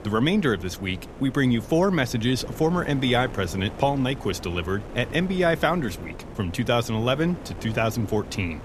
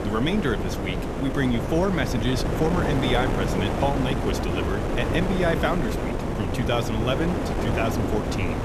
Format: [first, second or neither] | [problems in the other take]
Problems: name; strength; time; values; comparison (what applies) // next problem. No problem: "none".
first | wind noise on the microphone; heavy; 1 dB below the speech; occasional gusts in the first